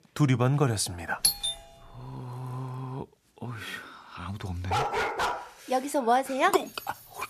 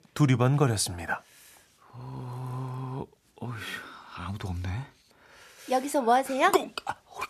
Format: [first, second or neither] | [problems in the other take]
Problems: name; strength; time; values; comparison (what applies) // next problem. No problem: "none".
second | doorbell; loud; at 1 s; peak 5 dB above the speech // dog barking; loud; at 4.5 s; peak 2 dB above the speech // jangling keys; faint; at 6.5 s; peak 15 dB below the speech